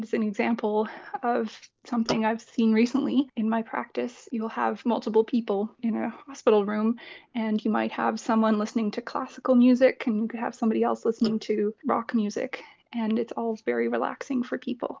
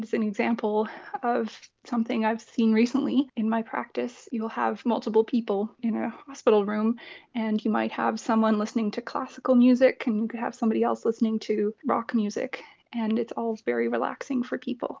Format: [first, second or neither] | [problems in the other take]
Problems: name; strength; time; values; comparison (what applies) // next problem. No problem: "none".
second | noise reduction (neural mask model Resemble Enhance denoiser)